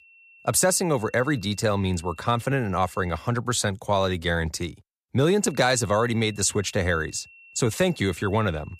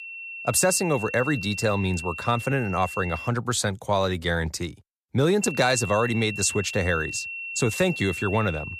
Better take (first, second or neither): first